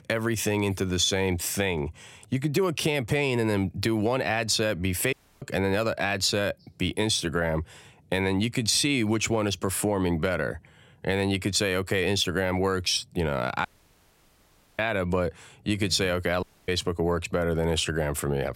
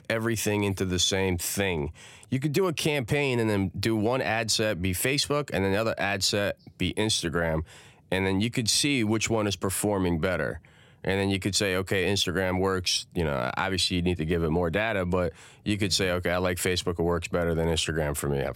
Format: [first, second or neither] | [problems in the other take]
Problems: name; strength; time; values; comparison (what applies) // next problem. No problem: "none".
second | audio cutting out; at 5 s, at 14 s for 1 s and at 16 s